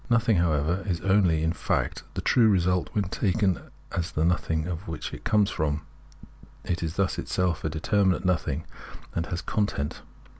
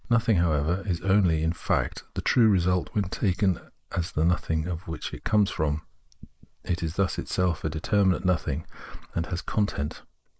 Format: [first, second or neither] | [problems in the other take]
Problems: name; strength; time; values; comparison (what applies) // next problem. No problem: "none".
first | noise reduction (neural mask model Resemble Enhance denoiser)